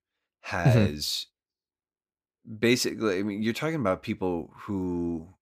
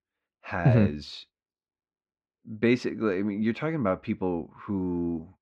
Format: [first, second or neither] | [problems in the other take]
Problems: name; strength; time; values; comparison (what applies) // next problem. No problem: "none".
first | muffled; slightly; fading above 2.5 kHz